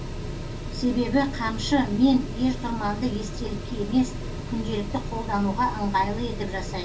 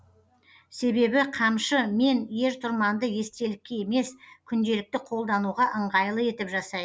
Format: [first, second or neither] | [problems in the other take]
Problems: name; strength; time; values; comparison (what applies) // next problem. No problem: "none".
second | background sound (Mechanical fan); 6 dB below the speech // room echo; dies away in 0.2 s